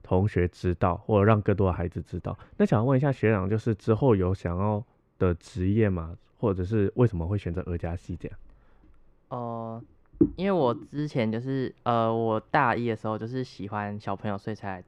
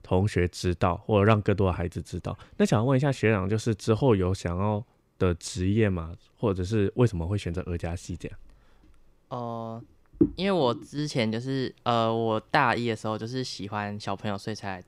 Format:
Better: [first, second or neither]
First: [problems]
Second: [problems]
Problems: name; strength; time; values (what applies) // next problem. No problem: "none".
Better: second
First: muffled; slightly; fading above 3 kHz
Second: none